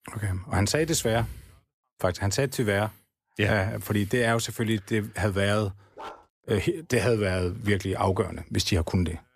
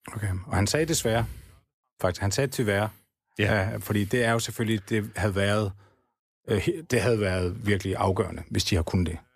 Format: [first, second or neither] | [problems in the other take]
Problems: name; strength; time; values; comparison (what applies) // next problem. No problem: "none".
second | dog barking; faint; at 6 s; peak 15 dB below the speech